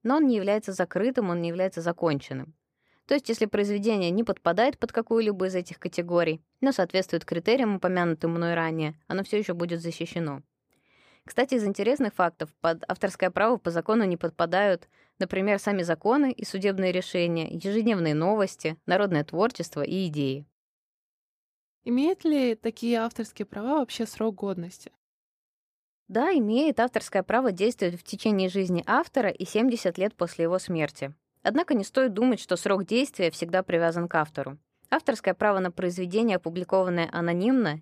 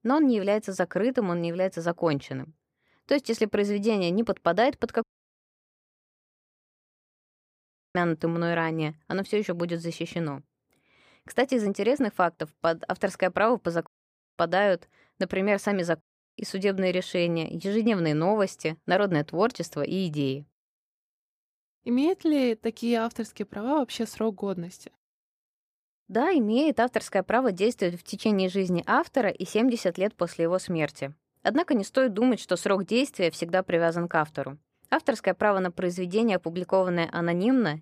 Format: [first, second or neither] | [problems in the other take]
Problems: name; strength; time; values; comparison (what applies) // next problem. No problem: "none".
first | audio cutting out; at 5 s for 3 s, at 14 s for 0.5 s and at 16 s